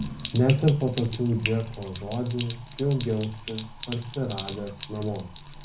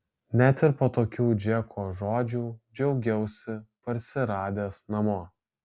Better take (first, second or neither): second